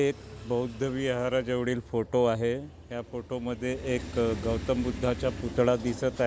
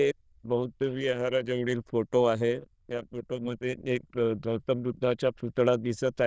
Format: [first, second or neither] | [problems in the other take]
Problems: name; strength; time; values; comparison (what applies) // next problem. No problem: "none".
first | noise reduction (neural diffusion model UNIVERSE++)